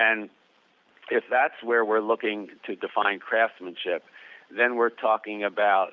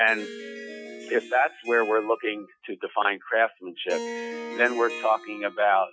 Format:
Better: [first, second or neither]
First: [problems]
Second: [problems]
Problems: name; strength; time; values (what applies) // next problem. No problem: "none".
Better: first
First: none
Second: noise reduction (classical method Wiener filter)